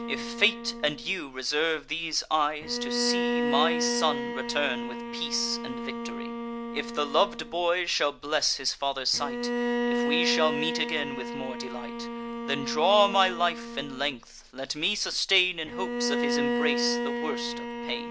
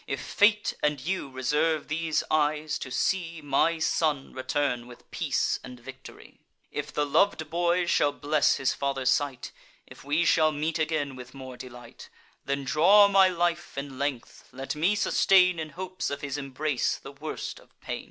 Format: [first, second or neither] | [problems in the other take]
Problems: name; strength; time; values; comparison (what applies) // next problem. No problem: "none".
second | background sound (Bowed string instrument); 3 dB below the speech